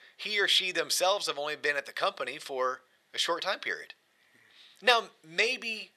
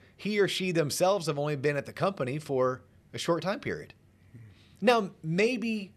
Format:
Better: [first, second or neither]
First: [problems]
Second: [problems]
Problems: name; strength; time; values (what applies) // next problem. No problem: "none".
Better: second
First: thin; very; fading below 700 Hz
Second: none